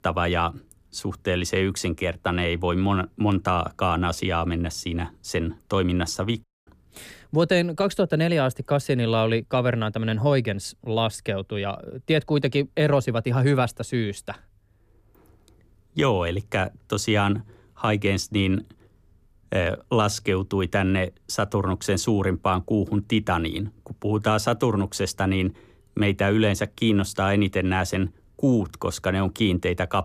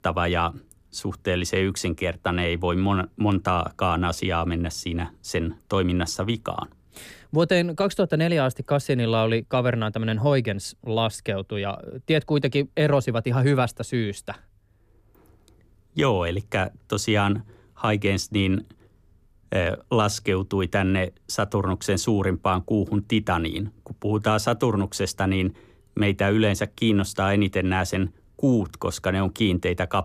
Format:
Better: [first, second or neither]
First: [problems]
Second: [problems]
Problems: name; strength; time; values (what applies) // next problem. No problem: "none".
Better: second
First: audio cutting out; at 6.5 s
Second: none